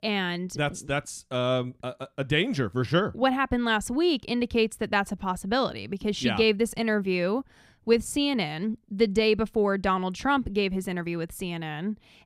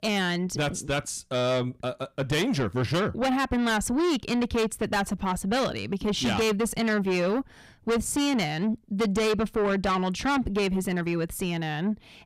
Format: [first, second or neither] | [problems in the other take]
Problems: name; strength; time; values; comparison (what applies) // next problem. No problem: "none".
first | distortion; heavy; 7 dB below the speech